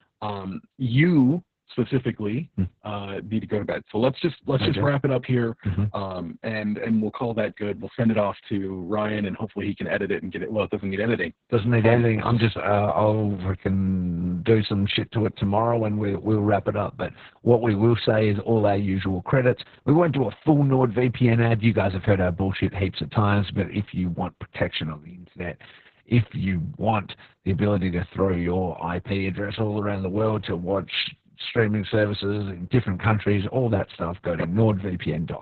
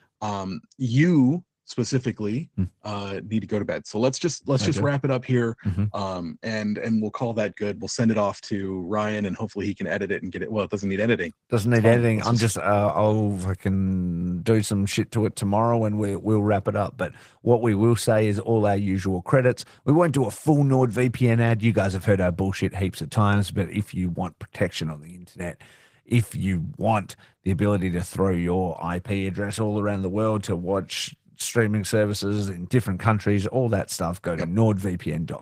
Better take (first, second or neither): second